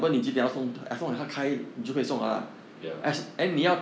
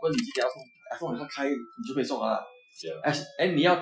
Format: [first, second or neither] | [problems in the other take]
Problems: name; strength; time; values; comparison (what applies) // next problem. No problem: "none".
first | noise reduction (classical method Wiener filter)